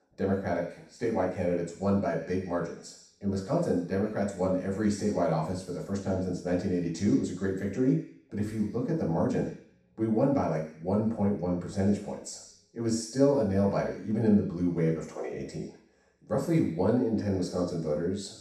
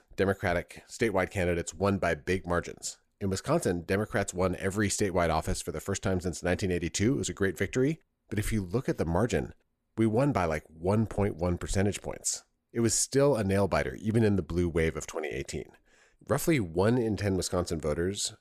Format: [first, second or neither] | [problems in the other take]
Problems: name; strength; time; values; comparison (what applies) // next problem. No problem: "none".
second | room echo; noticeable; dies away in 0.7 s // off-mic speech; far